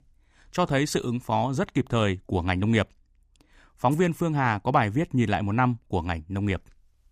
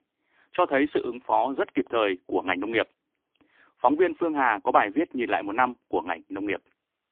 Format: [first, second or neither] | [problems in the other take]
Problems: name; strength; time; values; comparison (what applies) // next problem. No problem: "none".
first | phone-call audio; poor line; nothing above 3.5 kHz